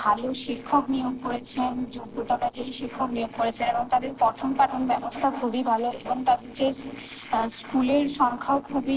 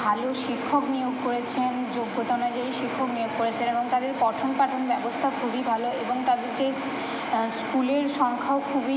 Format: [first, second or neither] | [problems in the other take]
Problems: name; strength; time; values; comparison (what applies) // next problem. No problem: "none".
second | noise reduction (neural separator model SepFormer DNS4)